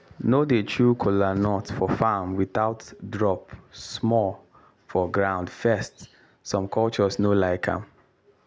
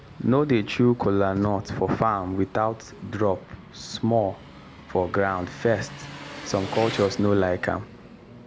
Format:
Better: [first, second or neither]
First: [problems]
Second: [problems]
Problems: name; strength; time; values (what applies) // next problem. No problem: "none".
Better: first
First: none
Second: background sound (Engine); 16 dB below the speech